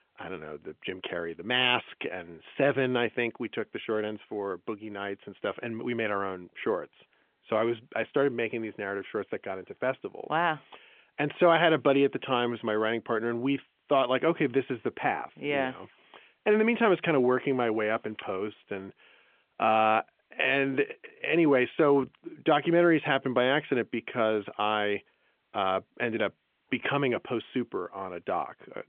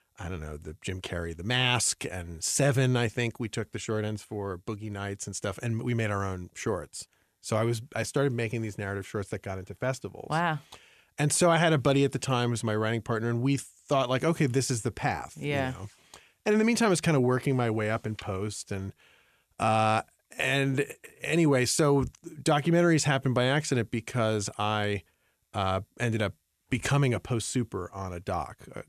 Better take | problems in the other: second | phone-call audio; nothing above 3.5 kHz

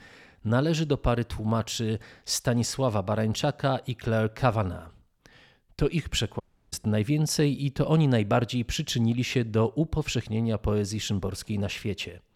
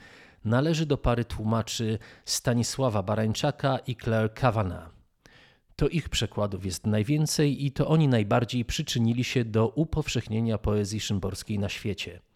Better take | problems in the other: second | audio cutting out; at 6.5 s

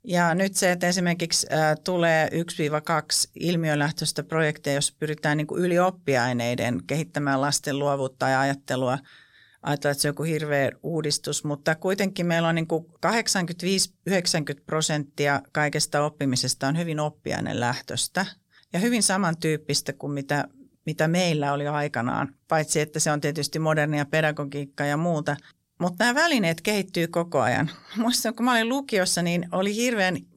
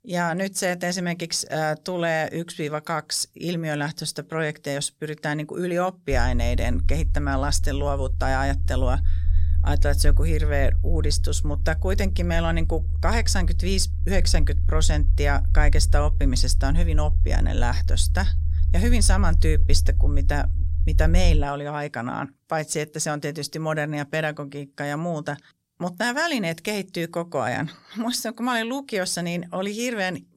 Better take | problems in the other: first | low rumble; noticeable; from 6 to 21 s; 15 dB below the speech

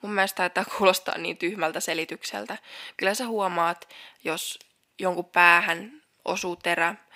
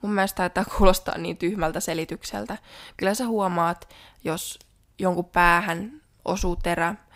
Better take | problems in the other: second | thin; somewhat; fading below 300 Hz

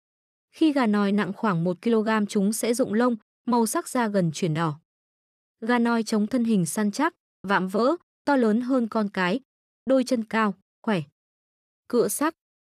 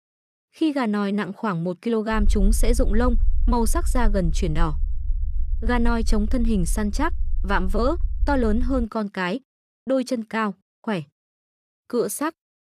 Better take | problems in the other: first | low rumble; faint; from 2 to 9 s; 25 dB below the speech

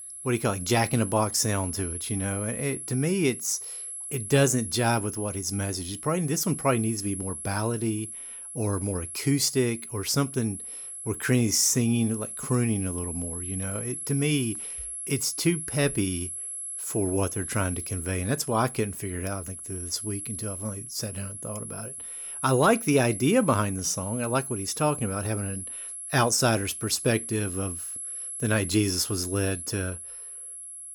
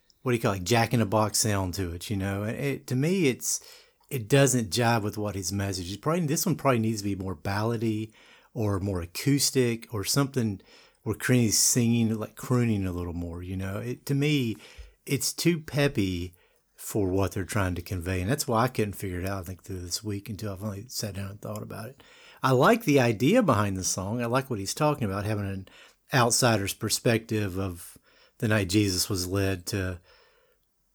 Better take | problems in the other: second | high-pitched whine; loud; throughout; 11 kHz, 7 dB below the speech

